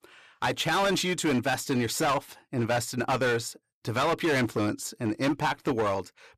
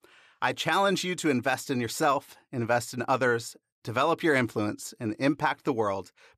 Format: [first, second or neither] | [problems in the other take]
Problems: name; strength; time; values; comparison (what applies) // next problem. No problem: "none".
second | distortion; heavy; 14% of the sound clipped